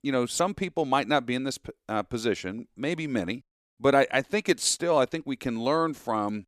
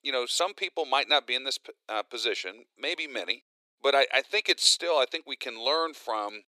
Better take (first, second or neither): first